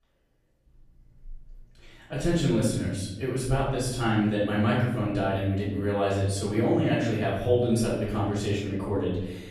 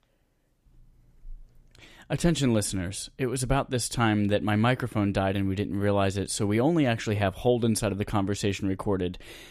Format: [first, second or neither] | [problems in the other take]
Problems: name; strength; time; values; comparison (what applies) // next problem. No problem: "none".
second | off-mic speech; far // room echo; noticeable; dies away in 1 s